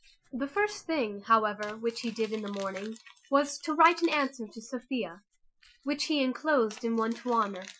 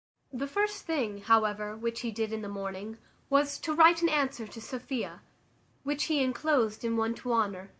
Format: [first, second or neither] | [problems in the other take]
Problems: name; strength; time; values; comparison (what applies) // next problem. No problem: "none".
second | noise reduction (classical method Wiener filter)